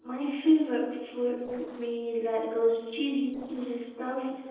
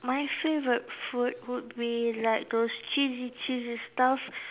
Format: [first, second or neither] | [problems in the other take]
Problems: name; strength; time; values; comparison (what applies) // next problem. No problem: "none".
second | noise reduction (neural separator model SepFormer DNS4)